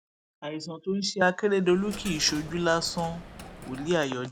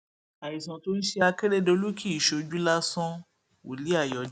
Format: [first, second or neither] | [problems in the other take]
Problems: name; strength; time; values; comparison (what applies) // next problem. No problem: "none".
second | background sound (Coin (dropping)); 15 dB below the speech